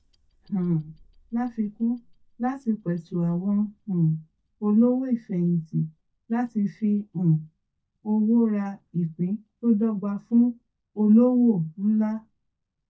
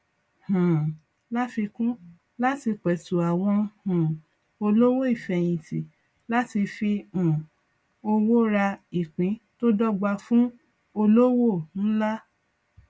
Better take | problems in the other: second | noise reduction (neural mask model DeepFilterNet 3)

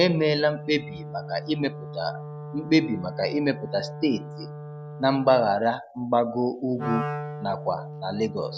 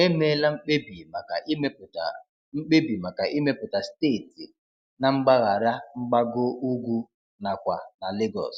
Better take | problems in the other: second | background sound (Wind instrument, woodwind instrument); 11 dB below the speech

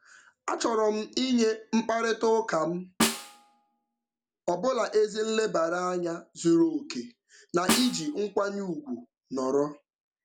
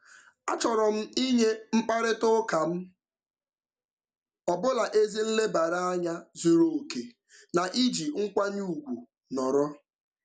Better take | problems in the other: second | background sound (Snare drum); 4 dB below the speech

